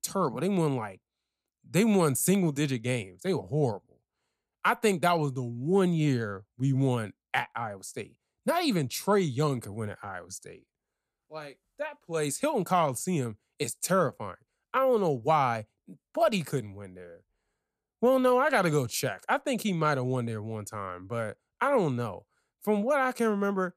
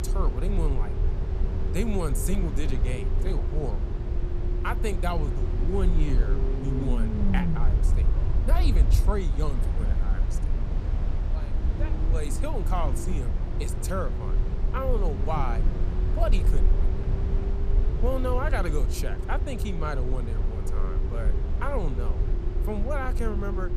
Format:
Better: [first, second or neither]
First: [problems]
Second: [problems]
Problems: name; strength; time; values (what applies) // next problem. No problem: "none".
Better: first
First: none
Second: low rumble; loud; throughout; 6 dB below the speech